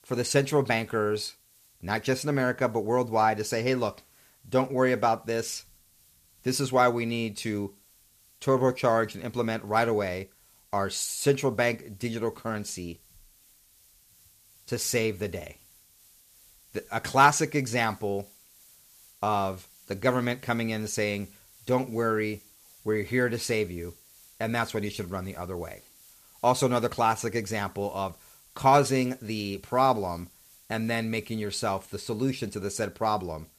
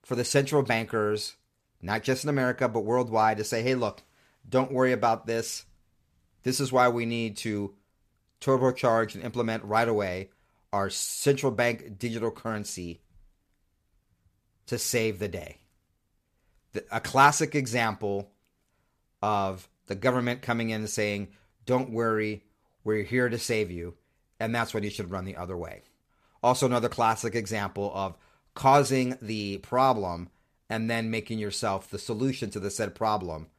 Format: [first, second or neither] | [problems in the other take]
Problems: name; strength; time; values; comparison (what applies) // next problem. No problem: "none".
second | hiss; faint; throughout; 25 dB below the speech